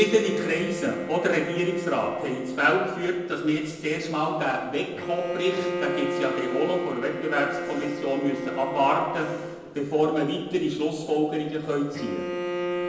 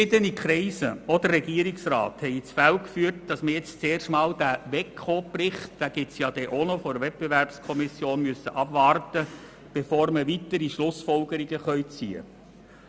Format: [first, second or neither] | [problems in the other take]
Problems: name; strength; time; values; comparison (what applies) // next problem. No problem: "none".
second | background sound (Bowed string instrument); 7 dB below the speech // room echo; dies away in 0.9 s